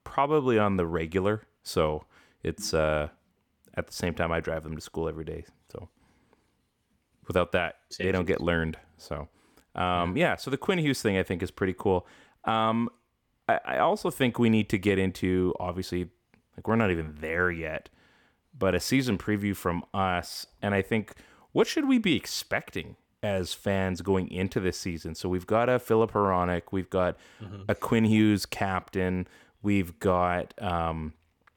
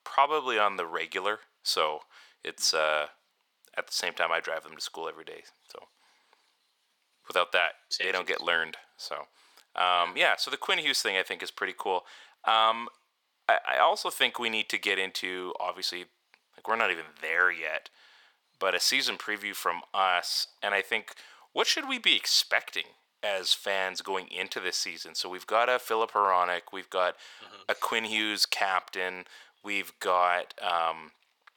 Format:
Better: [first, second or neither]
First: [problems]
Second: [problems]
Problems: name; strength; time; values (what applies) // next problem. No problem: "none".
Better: first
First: none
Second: thin; very; fading below 850 Hz